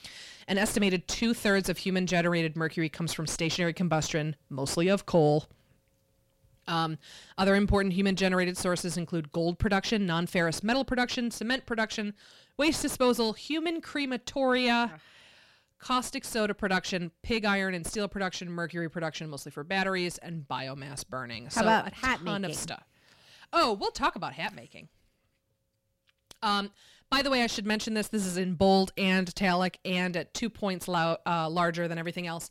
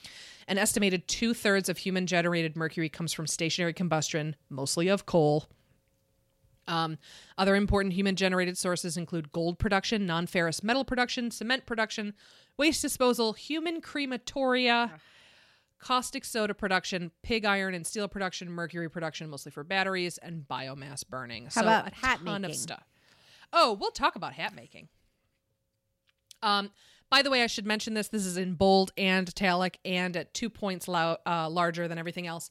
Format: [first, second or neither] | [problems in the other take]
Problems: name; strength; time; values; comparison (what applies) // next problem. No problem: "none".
second | distortion; slight; 10 dB below the speech